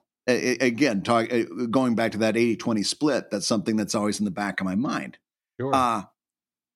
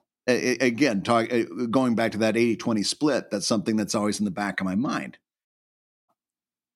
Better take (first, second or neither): first